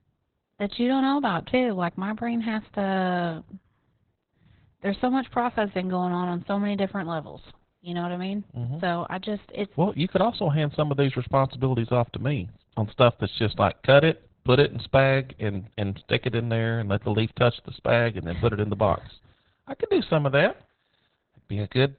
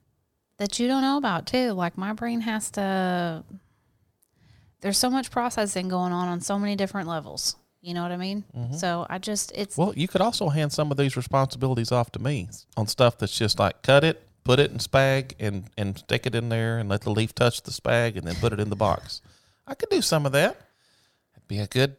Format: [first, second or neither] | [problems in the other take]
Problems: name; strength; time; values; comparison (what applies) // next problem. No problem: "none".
second | garbled, watery; badly; nothing above 4 kHz